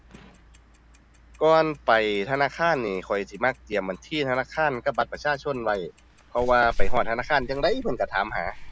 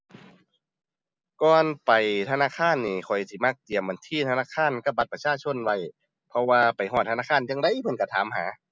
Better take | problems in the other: second | background sound (Clock); 4 dB below the speech

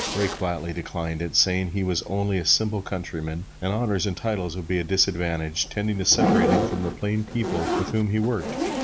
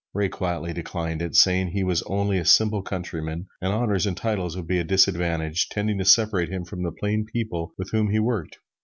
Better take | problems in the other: second | background sound (Zipper (clothing)); 4 dB below the speech

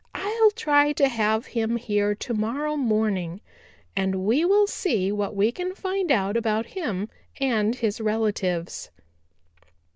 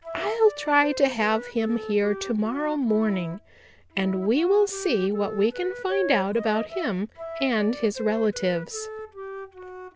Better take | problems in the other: first | background sound (Wind instrument, woodwind instrument); 11 dB below the speech

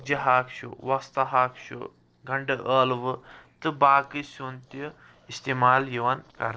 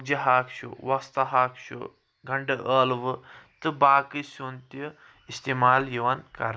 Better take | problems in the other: second | noise reduction (neural separator model SepFormer DNS4)

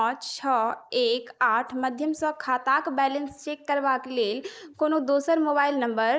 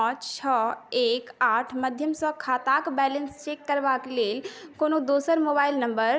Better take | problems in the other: second | noise reduction (neural mask model Resemble Enhance denoiser)

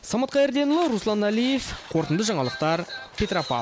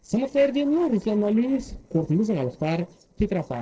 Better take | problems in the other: first | noise reduction (neural separator model SepFormer DNS4)

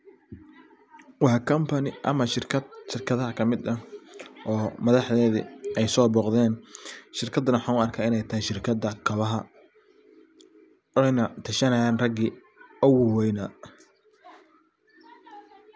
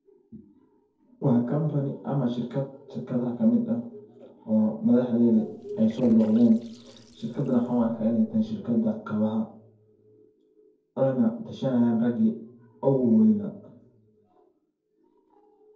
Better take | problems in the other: first | noise reduction (neural separator model SepFormer DNS4)

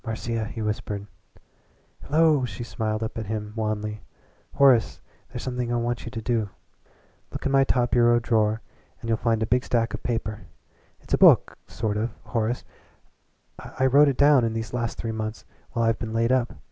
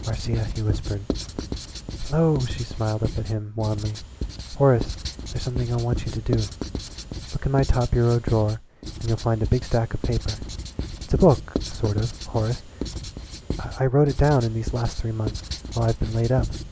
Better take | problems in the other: first | background sound (Writing); 8 dB below the speech

